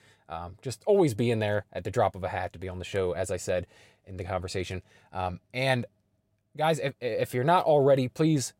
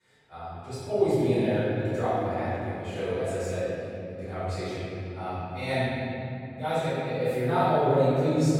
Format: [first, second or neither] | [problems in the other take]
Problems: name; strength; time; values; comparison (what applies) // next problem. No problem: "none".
first | room echo; strong; dies away in 3 s // off-mic speech; far